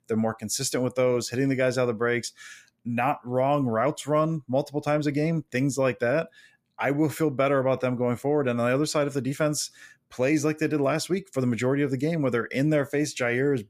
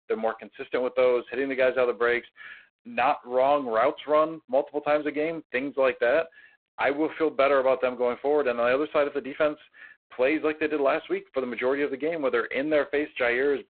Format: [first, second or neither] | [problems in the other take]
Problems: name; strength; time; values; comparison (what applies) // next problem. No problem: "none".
first | phone-call audio; poor line; nothing above 4 kHz